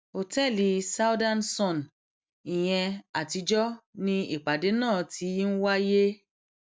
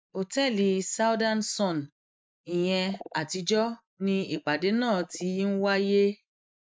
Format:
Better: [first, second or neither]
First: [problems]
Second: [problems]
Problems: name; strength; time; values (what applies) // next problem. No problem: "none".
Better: first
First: none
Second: noise reduction (neural mask model Resemble Enhance denoiser)